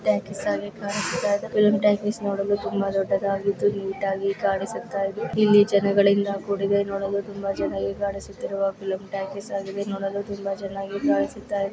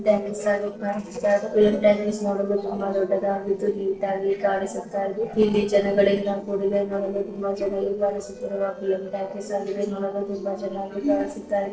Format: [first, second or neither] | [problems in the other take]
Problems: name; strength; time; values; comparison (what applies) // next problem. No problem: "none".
first | noise reduction (neural separator model SepFormer DNS4)